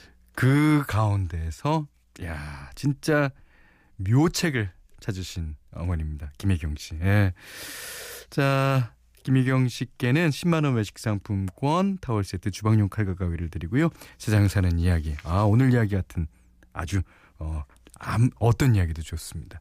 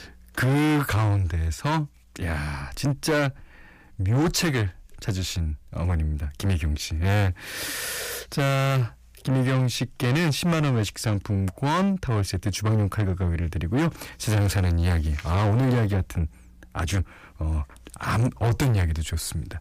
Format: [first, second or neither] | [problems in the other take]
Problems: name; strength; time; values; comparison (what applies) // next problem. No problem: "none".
first | distortion; heavy; 7 dB below the speech